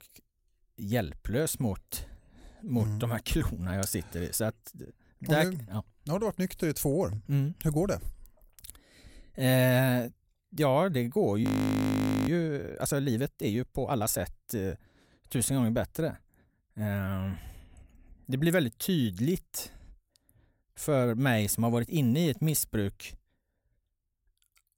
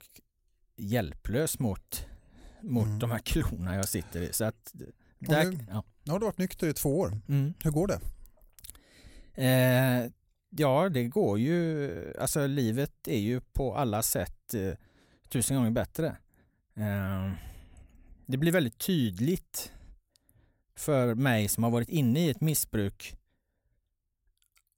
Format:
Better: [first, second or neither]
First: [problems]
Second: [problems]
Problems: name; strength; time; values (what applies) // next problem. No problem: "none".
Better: second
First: audio freezing; at 11 s for 1 s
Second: none